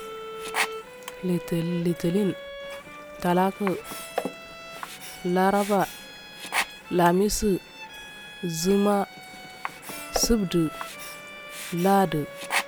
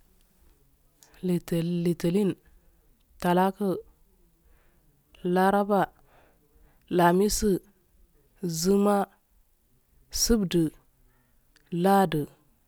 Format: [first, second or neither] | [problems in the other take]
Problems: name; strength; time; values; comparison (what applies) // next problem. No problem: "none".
second | background sound (Bowed string instrument + Sink (filling or washing)); 9 dB below the speech